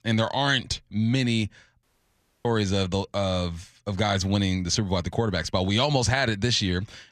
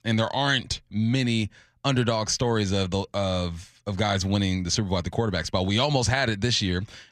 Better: second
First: audio cutting out; at 2 s for 0.5 s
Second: none

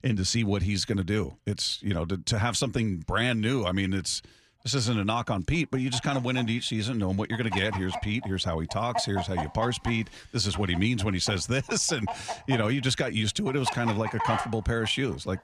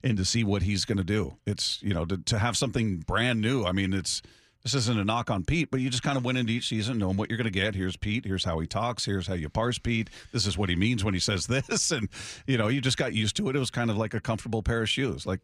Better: second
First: animal sounds; loud; from 5 s on; 9 dB below the speech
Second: none

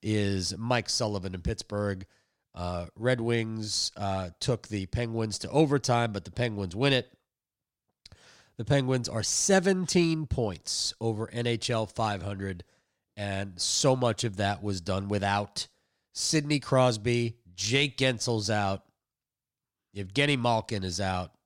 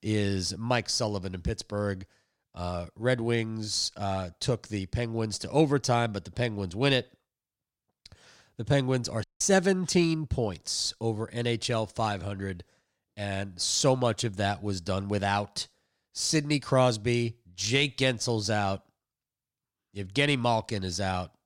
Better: first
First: none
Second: audio cutting out; at 9 s

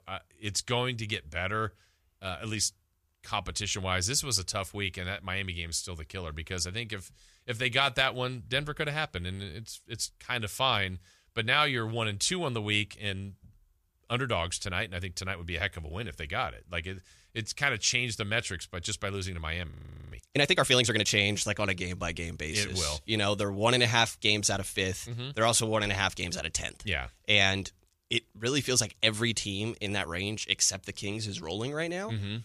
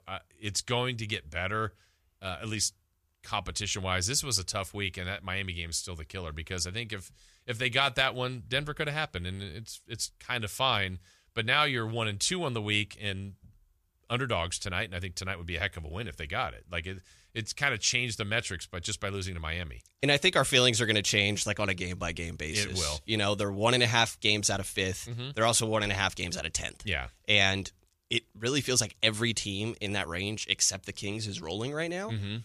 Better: second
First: audio freezing; at 20 s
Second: none

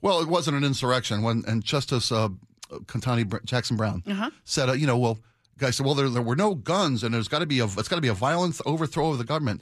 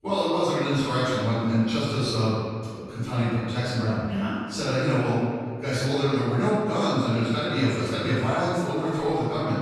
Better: first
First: none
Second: off-mic speech; far // room echo; strong; dies away in 1.9 s

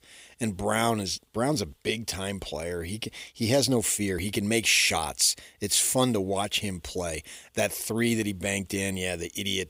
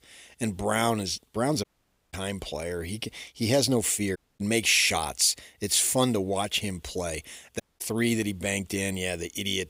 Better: first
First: none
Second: audio cutting out; at 1.5 s, at 4 s and at 7.5 s

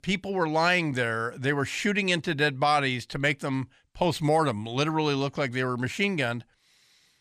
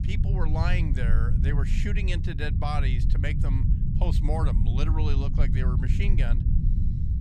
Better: first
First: none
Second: low rumble; loud; throughout; 5 dB below the speech

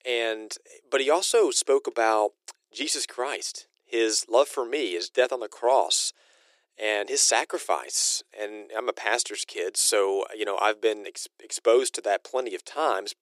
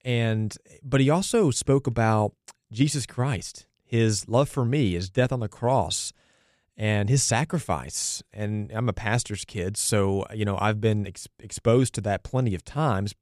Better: second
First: thin; very; fading below 350 Hz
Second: none

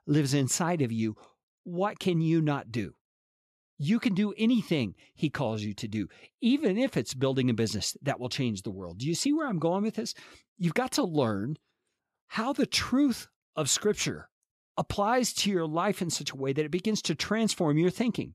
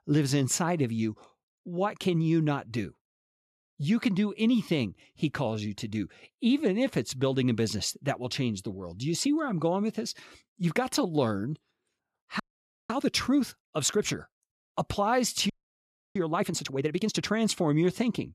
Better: first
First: none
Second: audio freezing; at 12 s and at 16 s for 0.5 s

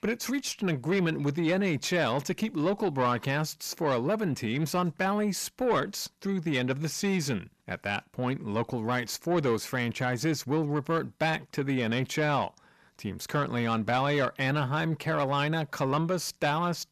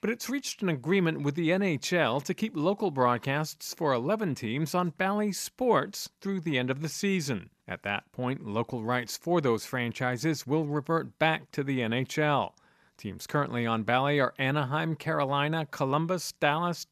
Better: second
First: distortion; slight; 10 dB below the speech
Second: none

